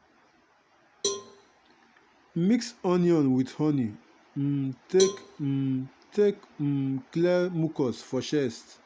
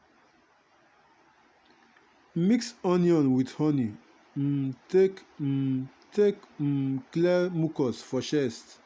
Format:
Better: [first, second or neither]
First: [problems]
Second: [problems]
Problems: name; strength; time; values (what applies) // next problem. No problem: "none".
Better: second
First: background sound (Cowbell); 12 dB below the speech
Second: none